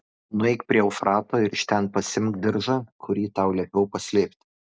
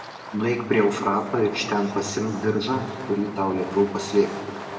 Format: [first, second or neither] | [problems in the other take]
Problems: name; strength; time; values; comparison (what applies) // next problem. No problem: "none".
first | background sound (Fireworks); 14 dB below the speech // room echo; dies away in 1.9 s